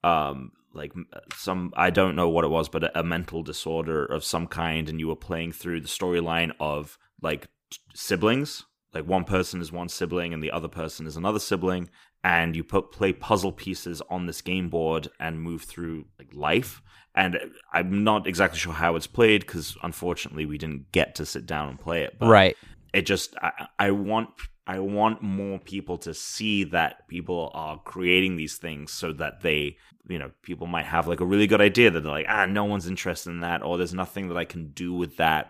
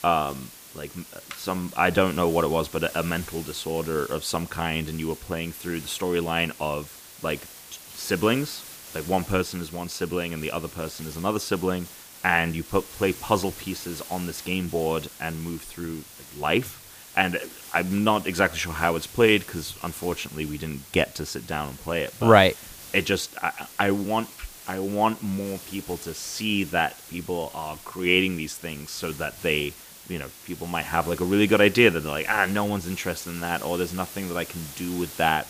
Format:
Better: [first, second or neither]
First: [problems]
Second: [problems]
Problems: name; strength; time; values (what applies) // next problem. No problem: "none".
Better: first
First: none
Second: hiss; noticeable; throughout; 15 dB below the speech